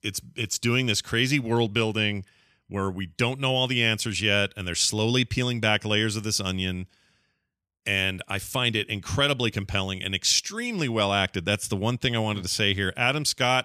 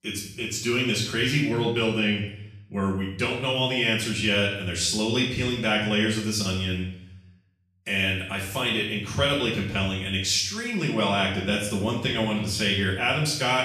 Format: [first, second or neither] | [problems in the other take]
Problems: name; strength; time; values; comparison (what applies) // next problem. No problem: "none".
first | off-mic speech; far // room echo; noticeable; dies away in 0.7 s